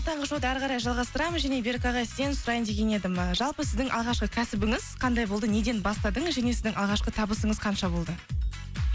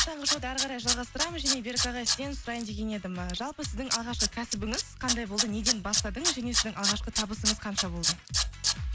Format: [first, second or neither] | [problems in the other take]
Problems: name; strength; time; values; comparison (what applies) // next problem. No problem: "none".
first | background sound (Tools); 2 dB above the speech